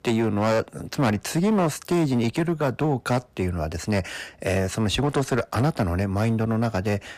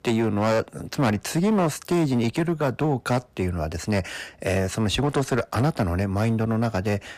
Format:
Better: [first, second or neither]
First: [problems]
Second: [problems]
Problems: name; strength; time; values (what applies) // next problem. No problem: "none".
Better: neither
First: distortion; slight; 9% of the sound clipped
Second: distortion; slight; 9% of the sound clipped